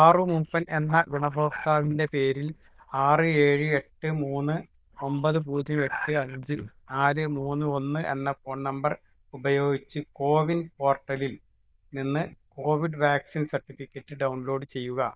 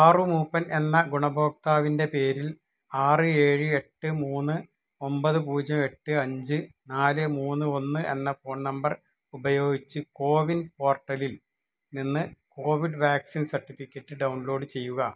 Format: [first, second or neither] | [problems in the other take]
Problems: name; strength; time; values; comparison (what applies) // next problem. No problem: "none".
second | noise reduction (neural diffusion model UNIVERSE++)